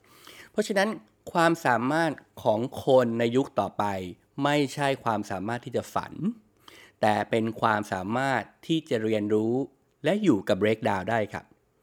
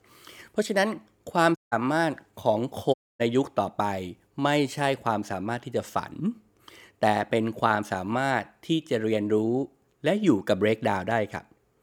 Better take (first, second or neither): first